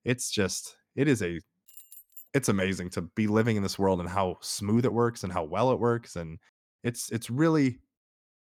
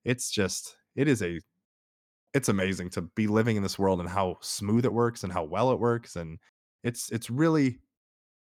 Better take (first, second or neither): second